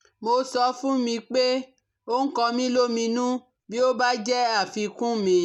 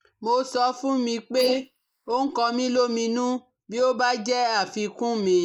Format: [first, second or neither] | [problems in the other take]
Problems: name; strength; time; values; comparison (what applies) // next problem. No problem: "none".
first | noise reduction (neural mask model Resemble Enhance denoiser)